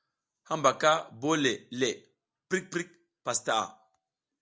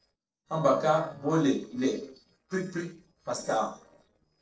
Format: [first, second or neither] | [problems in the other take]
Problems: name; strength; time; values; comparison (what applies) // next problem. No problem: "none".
first | noise reduction (neural separator model SepFormer DNS4)